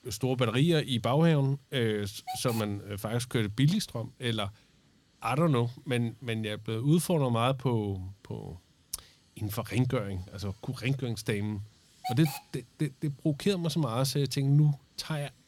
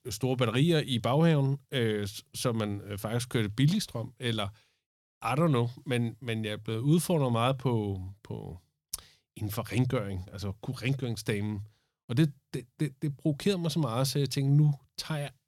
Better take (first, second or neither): second